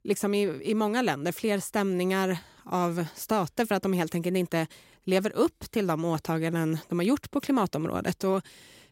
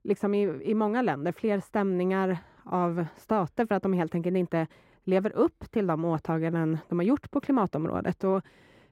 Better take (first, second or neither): first